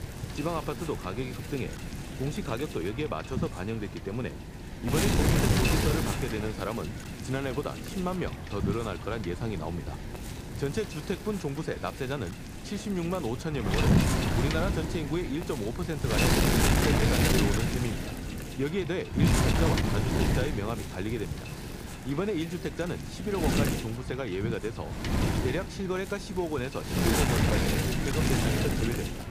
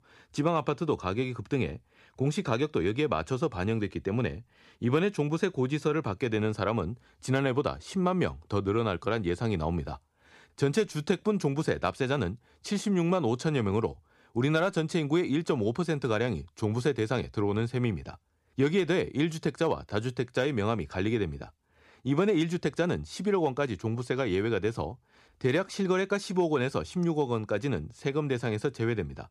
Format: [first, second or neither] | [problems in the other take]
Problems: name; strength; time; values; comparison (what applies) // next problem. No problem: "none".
second | wind noise on the microphone; heavy; 2 dB above the speech